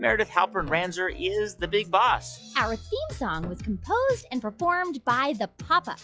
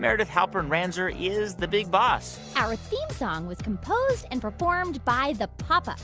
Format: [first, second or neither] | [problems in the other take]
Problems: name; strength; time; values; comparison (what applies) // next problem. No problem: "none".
second | noise reduction (classical method log-MMSE)